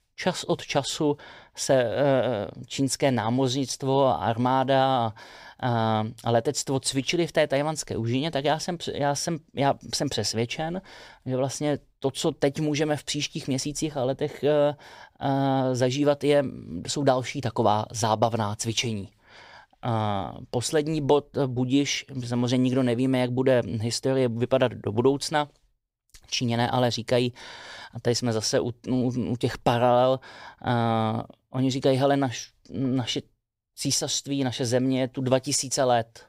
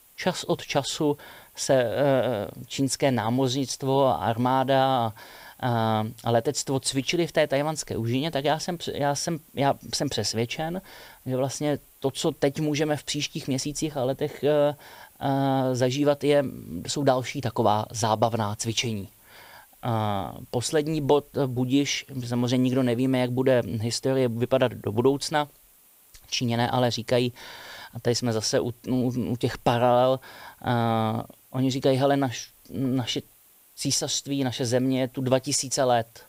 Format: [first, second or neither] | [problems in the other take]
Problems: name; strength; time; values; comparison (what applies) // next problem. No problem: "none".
first | hiss; faint; throughout; 30 dB below the speech